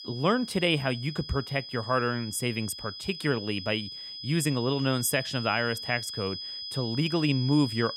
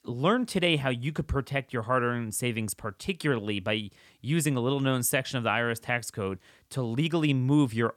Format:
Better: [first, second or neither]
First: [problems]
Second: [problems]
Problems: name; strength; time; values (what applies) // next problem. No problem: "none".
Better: second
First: high-pitched whine; loud; throughout; 5 kHz, 8 dB below the speech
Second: none